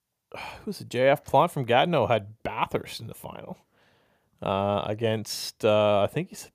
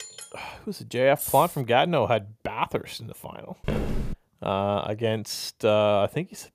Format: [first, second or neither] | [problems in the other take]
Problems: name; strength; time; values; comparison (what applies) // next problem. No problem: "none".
first | clattering dishes; faint; at the start; peak 15 dB below the speech // jangling keys; noticeable; at 1 s; peak 6 dB below the speech // footsteps; noticeable; at 3.5 s; peak 5 dB below the speech